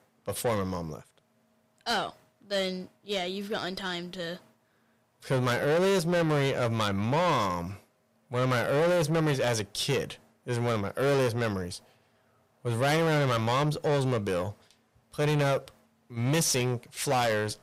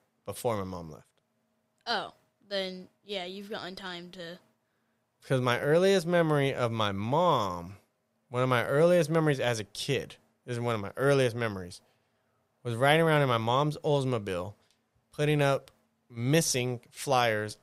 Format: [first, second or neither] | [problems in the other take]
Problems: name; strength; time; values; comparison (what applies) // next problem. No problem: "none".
second | distortion; heavy; 7 dB below the speech